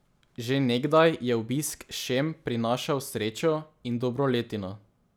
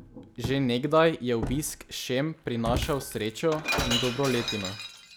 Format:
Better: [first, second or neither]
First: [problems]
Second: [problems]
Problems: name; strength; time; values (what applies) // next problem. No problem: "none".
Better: first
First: none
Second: background sound (Shatter); 6 dB below the speech